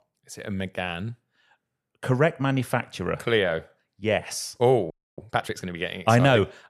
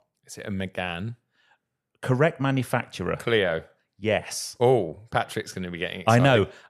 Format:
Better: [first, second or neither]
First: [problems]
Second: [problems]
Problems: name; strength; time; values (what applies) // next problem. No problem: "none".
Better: second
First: audio freezing; at 5 s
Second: none